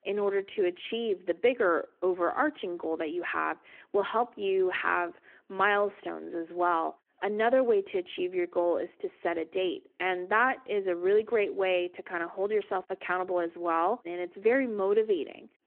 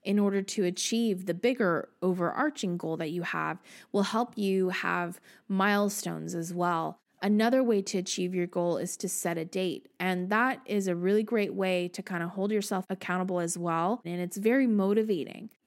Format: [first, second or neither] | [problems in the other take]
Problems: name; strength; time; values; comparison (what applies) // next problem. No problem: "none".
second | phone-call audio